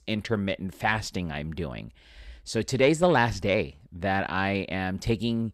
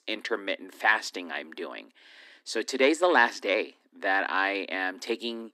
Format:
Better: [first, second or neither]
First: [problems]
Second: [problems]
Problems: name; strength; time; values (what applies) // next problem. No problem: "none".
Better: first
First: none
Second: thin; somewhat; fading below 250 Hz